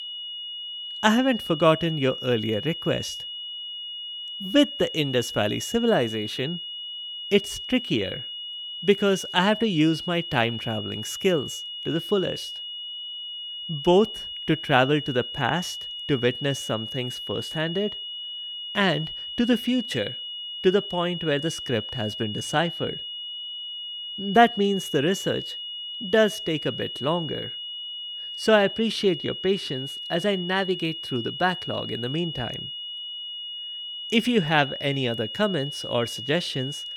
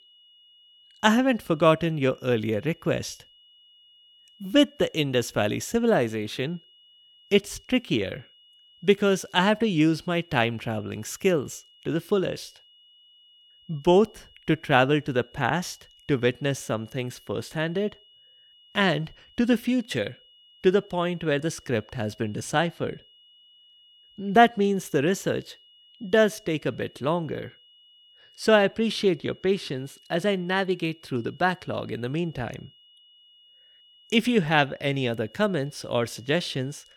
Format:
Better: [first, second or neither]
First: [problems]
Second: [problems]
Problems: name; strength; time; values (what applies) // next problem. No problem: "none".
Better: second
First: high-pitched whine; loud; throughout; 3 kHz, 7 dB below the speech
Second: high-pitched whine; faint; throughout; 3 kHz, 30 dB below the speech